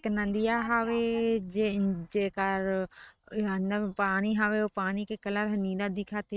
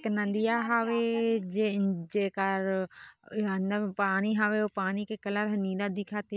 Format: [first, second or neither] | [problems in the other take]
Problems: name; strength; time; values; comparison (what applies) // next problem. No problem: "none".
second | noise reduction (neural mask model RNNoise)